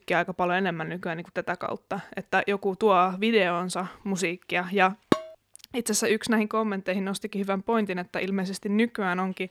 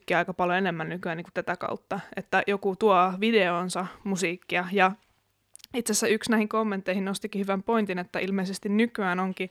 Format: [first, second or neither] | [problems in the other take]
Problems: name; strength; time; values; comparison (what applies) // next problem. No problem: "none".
second | clattering dishes; very faint; at 5 s; peak 1 dB below the speech